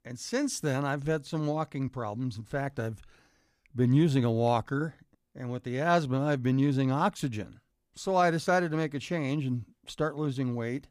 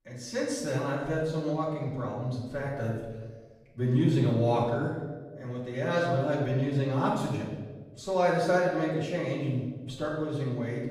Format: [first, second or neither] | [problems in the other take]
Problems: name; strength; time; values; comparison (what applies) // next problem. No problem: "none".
first | off-mic speech; far // room echo; noticeable; dies away in 1.2 s